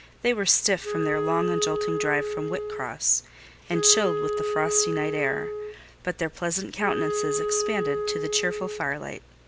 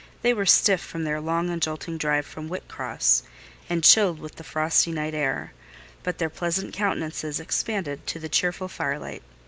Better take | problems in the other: second | background sound (Wind instrument, woodwind instrument); 2 dB below the speech

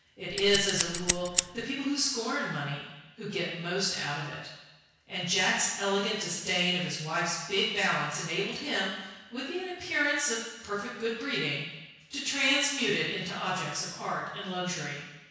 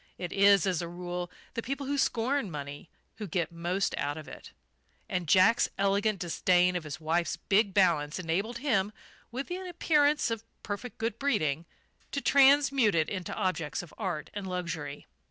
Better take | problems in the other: second | background sound (Scissors); 1 dB below the speech // room echo; dies away in 1.1 s

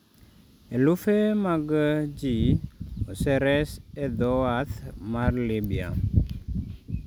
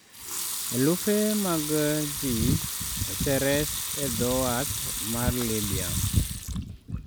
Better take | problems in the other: first | background sound (Sink (filling or washing) / Water tap, faucet / Liquid); 4 dB below the speech

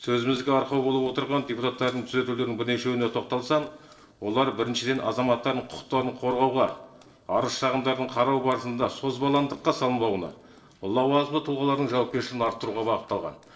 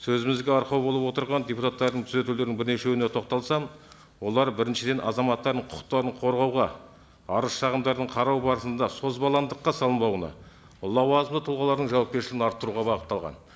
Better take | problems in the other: second | noise reduction (neural separator model SepFormer DNS4)

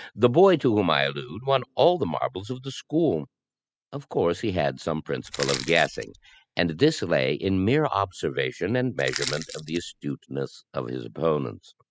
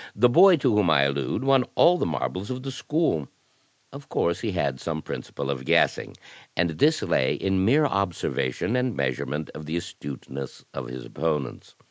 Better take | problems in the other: second | noise reduction (classical method spectral subtraction)

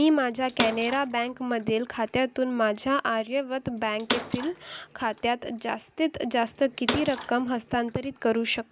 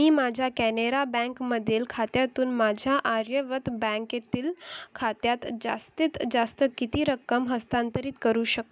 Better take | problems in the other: second | background sound (Bathtub (filling or washing) / Water / Splash, splatter); 10 dB below the speech

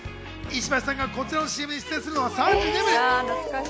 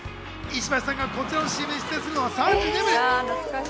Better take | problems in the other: first | background sound (Car passing by / Traffic noise, roadway noise); 12 dB below the speech

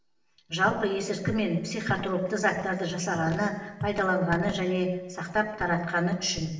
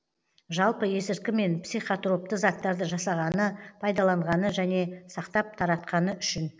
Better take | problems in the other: second | background sound (Walk, footsteps); 12 dB below the speech // room echo; dies away in 1 s

